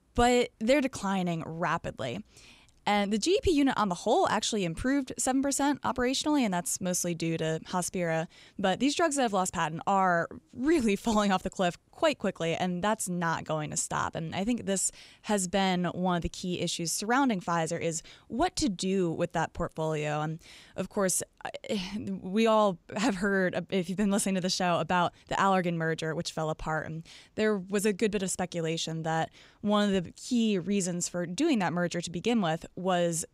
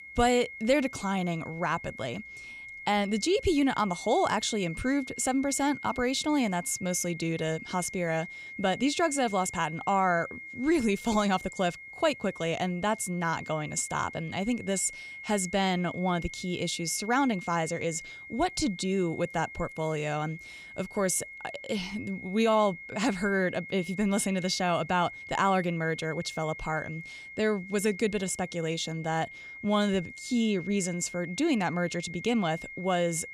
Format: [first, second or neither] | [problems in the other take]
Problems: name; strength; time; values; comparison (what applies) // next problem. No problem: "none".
first | high-pitched whine; noticeable; throughout; 2 kHz, 15 dB below the speech